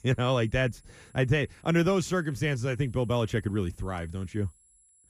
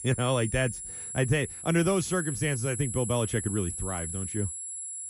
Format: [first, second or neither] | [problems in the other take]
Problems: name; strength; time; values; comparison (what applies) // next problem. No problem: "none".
first | high-pitched whine; loud; throughout; 10.5 kHz, 6 dB below the speech; faint in the first